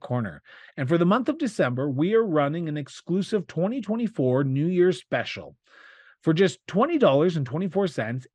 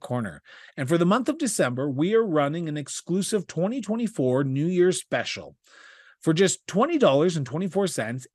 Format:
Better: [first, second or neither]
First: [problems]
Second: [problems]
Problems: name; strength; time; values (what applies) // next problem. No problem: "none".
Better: second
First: muffled; slightly; fading above 3.5 kHz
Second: none